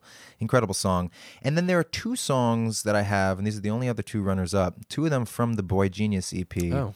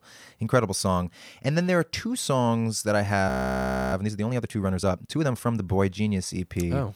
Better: first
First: none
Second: audio freezing; at 3.5 s for 0.5 s

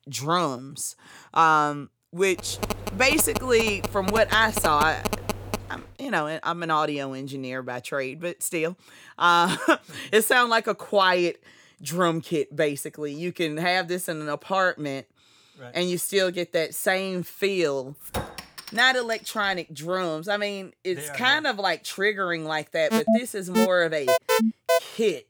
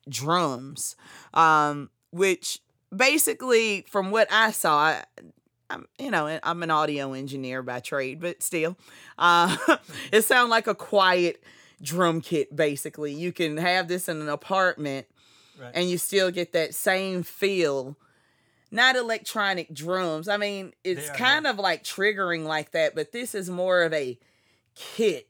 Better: second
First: phone ringing; noticeable; from 2.5 to 6 s; peak 5 dB below the speech // clattering dishes; noticeable; from 18 to 19 s; peak 8 dB below the speech // alarm; loud; from 23 to 25 s; peak 3 dB above the speech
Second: none

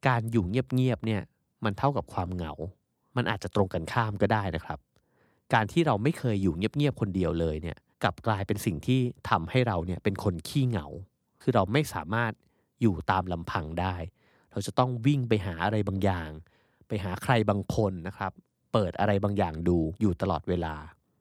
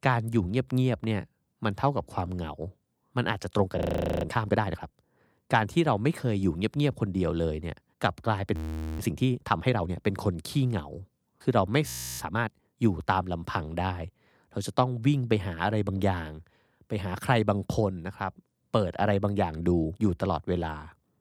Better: first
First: none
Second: audio freezing; at 4 s, at 8.5 s and at 12 s

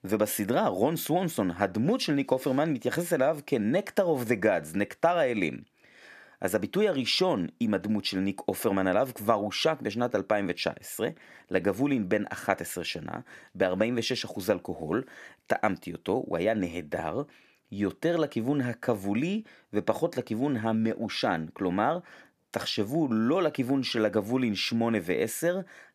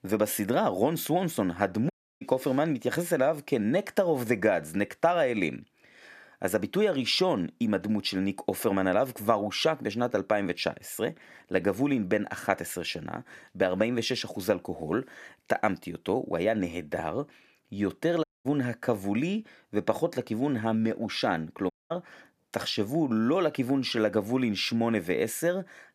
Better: first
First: none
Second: audio cutting out; at 2 s, at 18 s and at 22 s

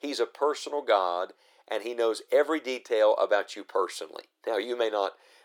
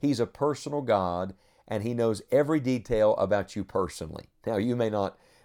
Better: second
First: thin; very; fading below 350 Hz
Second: none

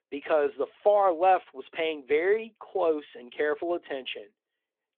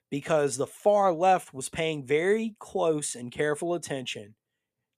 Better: second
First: phone-call audio; nothing above 3.5 kHz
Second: none

